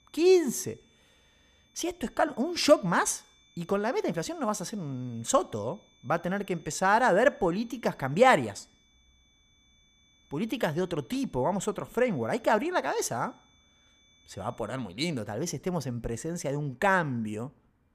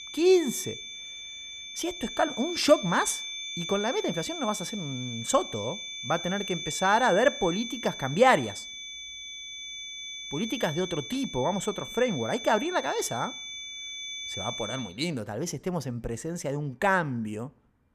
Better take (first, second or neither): first